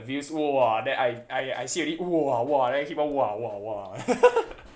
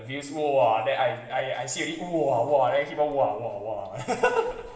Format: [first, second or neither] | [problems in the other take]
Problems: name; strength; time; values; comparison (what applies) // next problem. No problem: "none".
first | room echo; dies away in 2.5 s